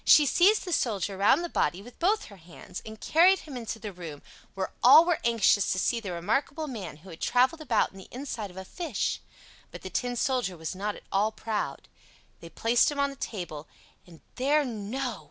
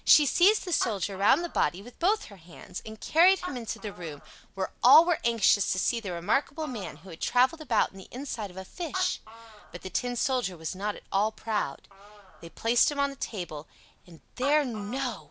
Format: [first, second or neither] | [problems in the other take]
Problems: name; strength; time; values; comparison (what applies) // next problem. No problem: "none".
first | background sound (Animal); 17 dB below the speech